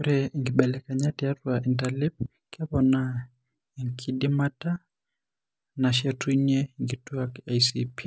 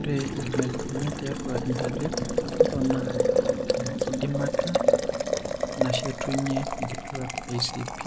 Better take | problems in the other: first | background sound (Boiling); 4 dB above the speech

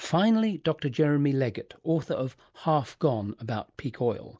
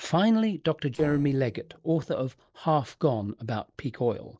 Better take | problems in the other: first | noise reduction (neural separator model SepFormer DNS4)

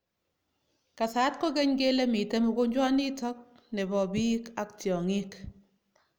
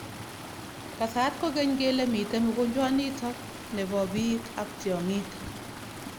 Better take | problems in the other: first | background sound (Stream); 11 dB below the speech

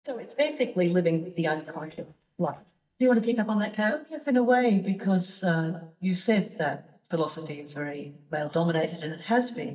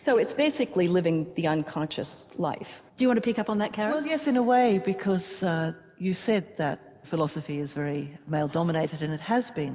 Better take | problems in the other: second | noise reduction (neural mask model DeepFilterNet 3)

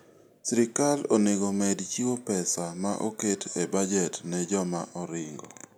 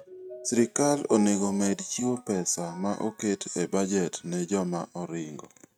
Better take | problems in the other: first | noise reduction (neural mask model RNNoise)

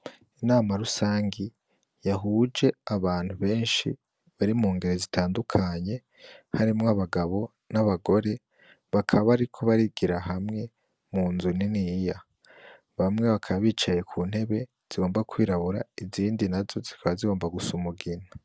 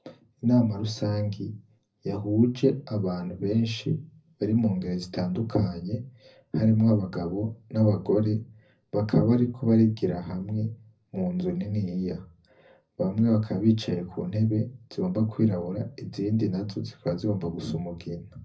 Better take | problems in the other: first | room echo; dies away in 0.4 s

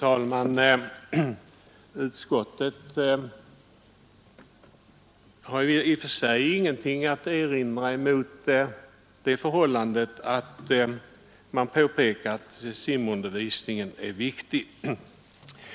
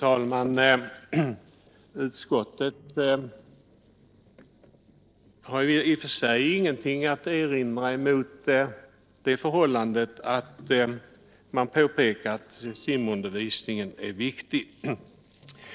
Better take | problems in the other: first | noise reduction (neural separator model SepFormer DNS4)

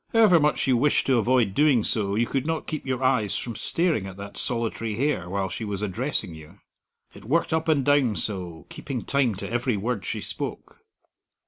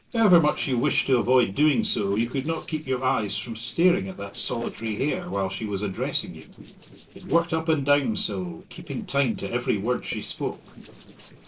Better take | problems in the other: first | noise reduction (neural separator model SepFormer DNS4)

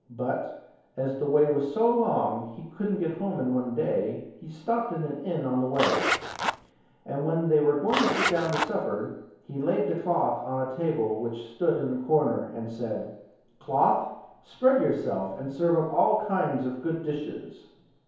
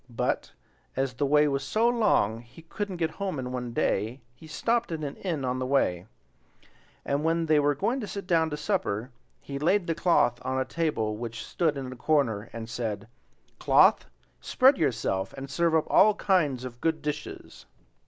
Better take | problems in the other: second | background sound (Zipper (clothing)); 1 dB below the speech // room echo; dies away in 1 s

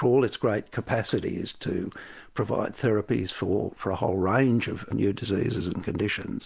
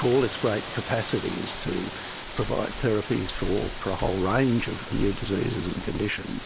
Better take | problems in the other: first | background sound (Rain); 8 dB below the speech

